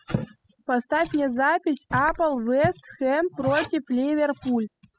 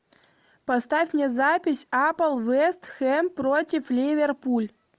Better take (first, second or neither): second